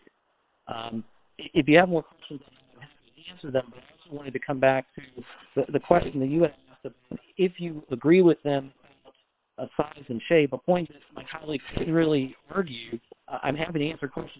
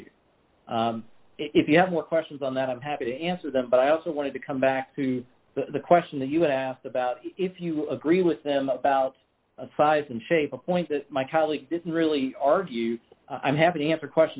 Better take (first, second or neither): second